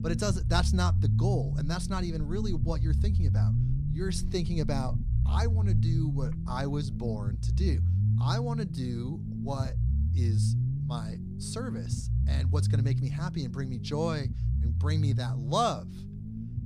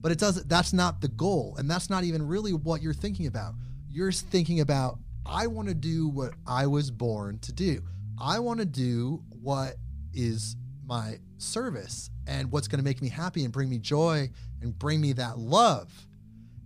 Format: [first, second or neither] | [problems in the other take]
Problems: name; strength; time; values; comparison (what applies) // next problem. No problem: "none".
second | low rumble; loud; throughout; 7 dB below the speech; faint in the second